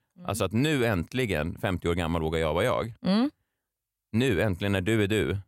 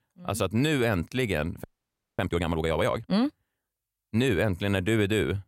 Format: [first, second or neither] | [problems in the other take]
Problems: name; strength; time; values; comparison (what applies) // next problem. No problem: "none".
first | audio freezing; at 1.5 s for 0.5 s